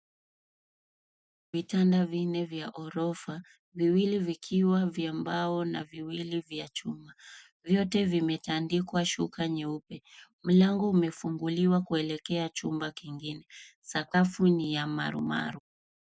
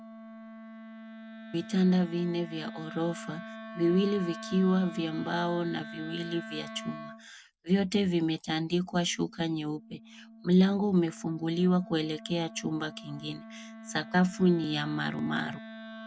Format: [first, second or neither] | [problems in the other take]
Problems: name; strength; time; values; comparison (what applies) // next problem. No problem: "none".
first | background sound (Wind instrument, woodwind instrument); 15 dB below the speech